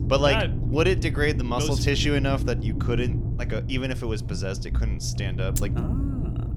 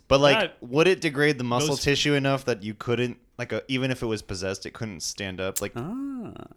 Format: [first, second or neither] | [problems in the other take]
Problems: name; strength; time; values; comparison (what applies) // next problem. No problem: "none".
second | low rumble; noticeable; throughout; 10 dB below the speech